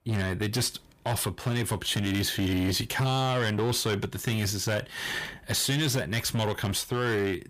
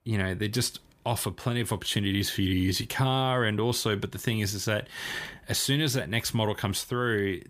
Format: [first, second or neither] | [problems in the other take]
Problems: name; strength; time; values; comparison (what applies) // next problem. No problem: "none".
second | distortion; slight; 12% of the sound clipped